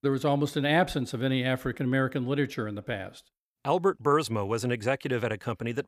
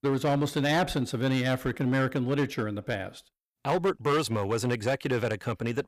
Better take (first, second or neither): first